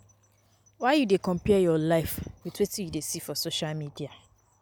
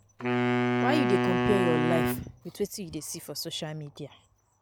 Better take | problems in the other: first | background sound (Wind instrument, woodwind instrument); 4 dB above the speech

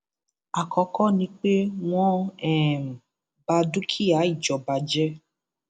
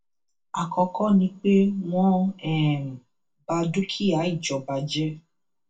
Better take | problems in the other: first | room echo; dies away in 0.2 s

